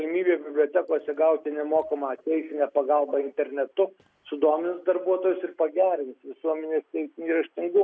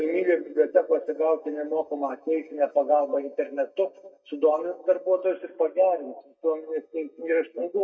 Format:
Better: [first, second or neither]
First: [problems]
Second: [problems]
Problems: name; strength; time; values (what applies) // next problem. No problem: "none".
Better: first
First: none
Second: noise reduction (neural mask model DeepFilterNet 3)